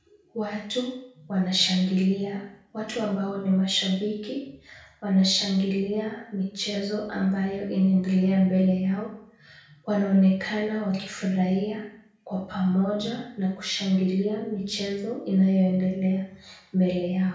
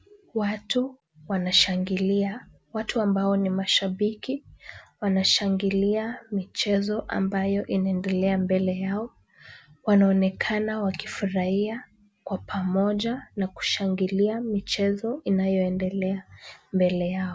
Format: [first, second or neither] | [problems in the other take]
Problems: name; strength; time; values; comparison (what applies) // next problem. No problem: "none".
second | room echo; dies away in 0.5 s